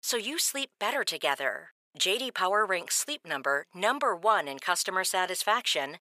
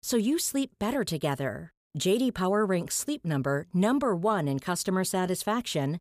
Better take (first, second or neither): second